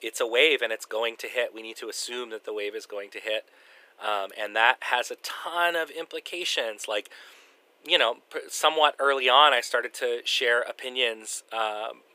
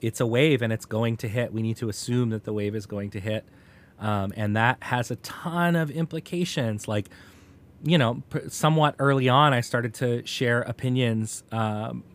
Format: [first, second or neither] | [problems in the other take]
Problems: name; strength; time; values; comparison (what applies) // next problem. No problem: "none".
second | thin; very; fading below 400 Hz